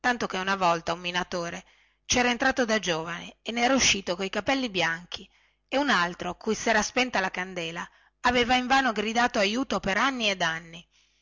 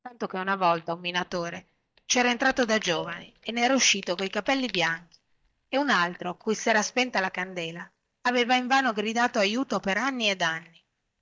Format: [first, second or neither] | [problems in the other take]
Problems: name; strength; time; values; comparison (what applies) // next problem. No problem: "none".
first | noise reduction (neural mask model DeepFilterNet 3)